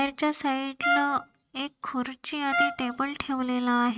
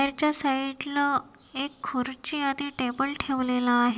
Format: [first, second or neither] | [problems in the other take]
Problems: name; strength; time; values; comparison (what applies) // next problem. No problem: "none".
second | noise reduction (neural mask model RNNoise)